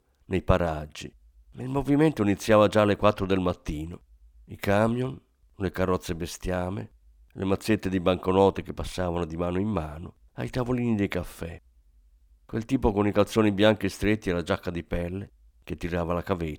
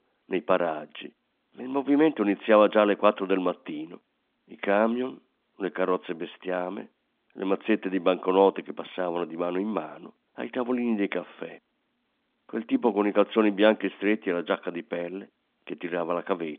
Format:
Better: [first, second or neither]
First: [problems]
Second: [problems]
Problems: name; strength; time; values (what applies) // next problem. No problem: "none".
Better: first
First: none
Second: phone-call audio; nothing above 3.5 kHz